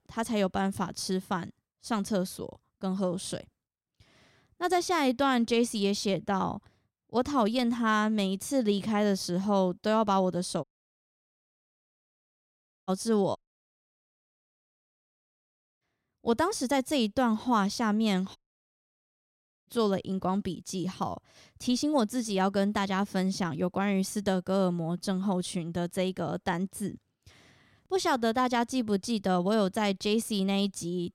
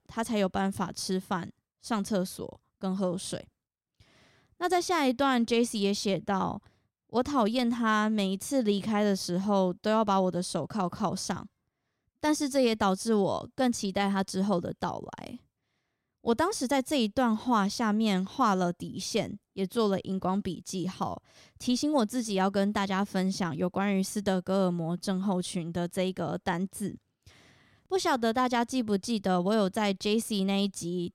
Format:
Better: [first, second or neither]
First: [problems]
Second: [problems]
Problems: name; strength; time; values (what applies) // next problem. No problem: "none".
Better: second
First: audio cutting out; at 11 s for 2 s, at 13 s for 2.5 s and at 18 s for 1.5 s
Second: none